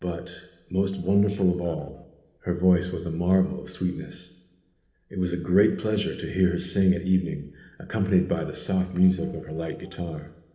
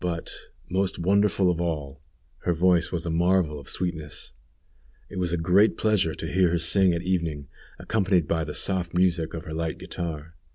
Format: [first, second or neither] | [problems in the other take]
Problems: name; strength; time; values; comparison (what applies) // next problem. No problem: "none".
second | noise reduction (neural separator model SepFormer DNS4)